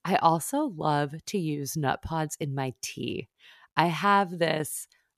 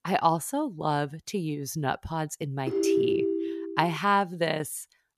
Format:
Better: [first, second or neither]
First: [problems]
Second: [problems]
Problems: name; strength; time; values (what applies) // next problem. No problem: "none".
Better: first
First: none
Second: phone ringing; loud; from 2.5 to 4 s; peak 4 dB above the speech